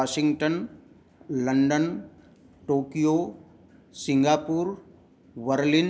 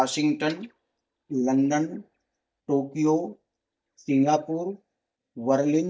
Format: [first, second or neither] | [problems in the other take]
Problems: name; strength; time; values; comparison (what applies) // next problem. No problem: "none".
first | noise reduction (neural mask model DeepFilterNet 3)